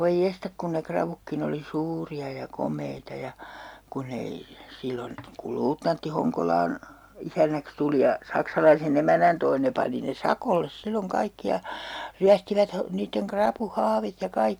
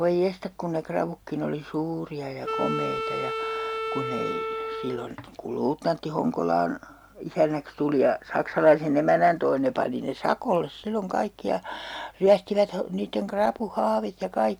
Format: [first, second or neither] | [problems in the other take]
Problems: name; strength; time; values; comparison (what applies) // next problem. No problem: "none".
first | background sound (Wind instrument, woodwind instrument); 5 dB below the speech